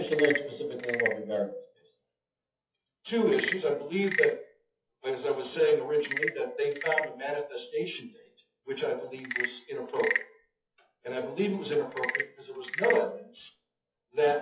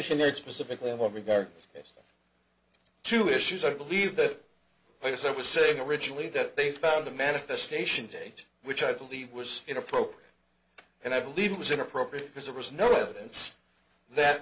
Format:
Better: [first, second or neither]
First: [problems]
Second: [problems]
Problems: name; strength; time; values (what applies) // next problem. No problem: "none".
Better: second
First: noise reduction (classical method WPE with log-MMSE)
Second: none